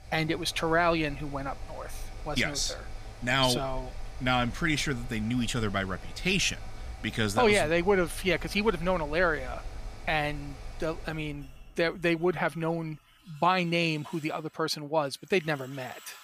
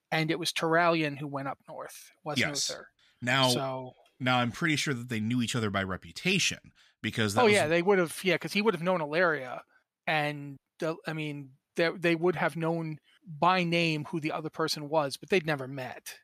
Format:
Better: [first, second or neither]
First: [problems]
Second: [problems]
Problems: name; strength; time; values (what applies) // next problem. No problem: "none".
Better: second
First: machinery noise; noticeable; throughout; 15 dB below the speech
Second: none